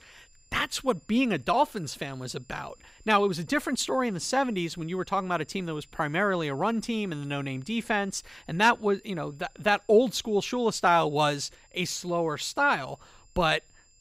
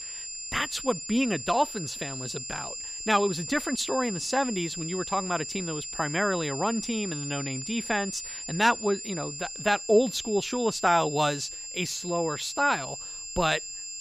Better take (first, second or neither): first